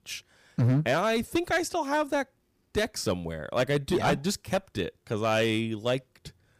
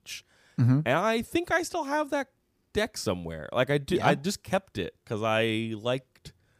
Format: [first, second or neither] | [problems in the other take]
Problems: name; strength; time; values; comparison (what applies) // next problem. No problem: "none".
second | distortion; slight; 6% of the sound clipped